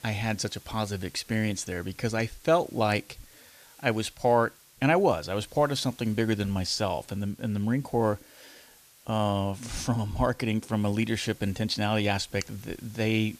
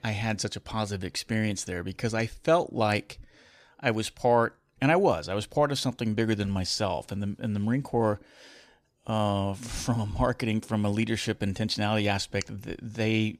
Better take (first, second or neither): second